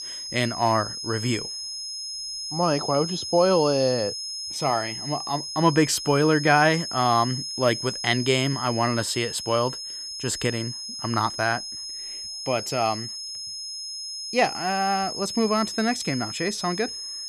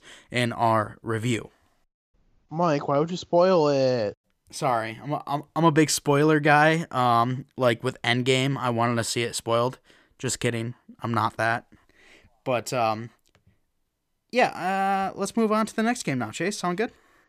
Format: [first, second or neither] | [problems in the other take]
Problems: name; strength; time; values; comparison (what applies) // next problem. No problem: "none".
second | high-pitched whine; loud; throughout; 5 kHz, 6 dB below the speech